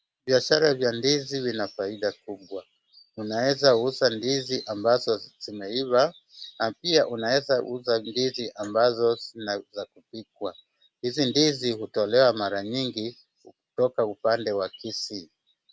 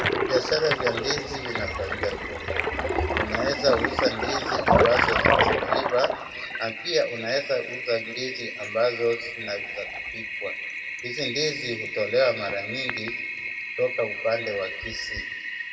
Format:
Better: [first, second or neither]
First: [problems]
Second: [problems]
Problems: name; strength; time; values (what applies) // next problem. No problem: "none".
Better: first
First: none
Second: background sound (Toilet flush); 1 dB above the speech // room echo; dies away in 1.4 s